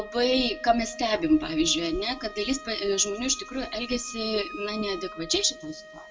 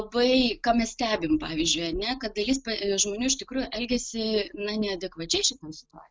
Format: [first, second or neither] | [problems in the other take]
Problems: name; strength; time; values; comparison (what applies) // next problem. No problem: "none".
second | background sound (Wind instrument, woodwind instrument); 15 dB below the speech // room echo; dies away in 1.1 s